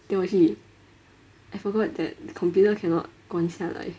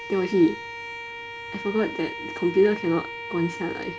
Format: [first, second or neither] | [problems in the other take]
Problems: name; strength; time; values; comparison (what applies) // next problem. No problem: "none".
first | background sound (Bowed string instrument); 10 dB below the speech